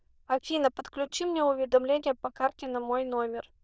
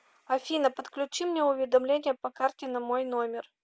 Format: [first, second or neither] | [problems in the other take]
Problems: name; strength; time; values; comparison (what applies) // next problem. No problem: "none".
second | noise reduction (neural diffusion model UNIVERSE++)